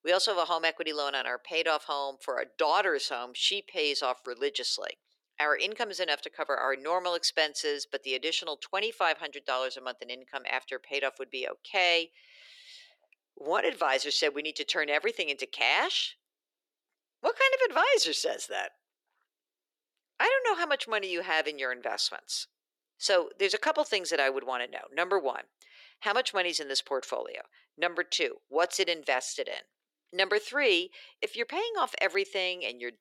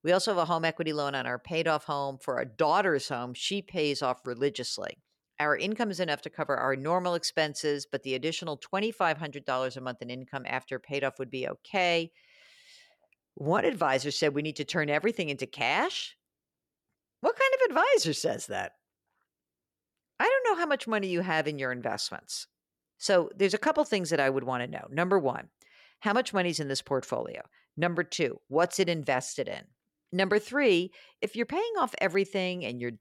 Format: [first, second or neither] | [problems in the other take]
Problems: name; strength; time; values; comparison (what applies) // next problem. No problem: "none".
second | thin; somewhat; fading below 350 Hz